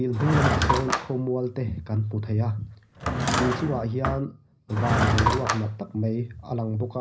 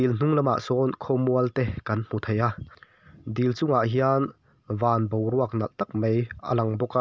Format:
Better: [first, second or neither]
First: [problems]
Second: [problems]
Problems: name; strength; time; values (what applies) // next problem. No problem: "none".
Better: second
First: background sound (Drawer open or close / Wood); 1 dB below the speech // room echo; dies away in 0.4 s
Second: none